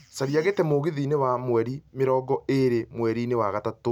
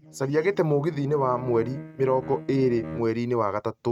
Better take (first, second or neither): first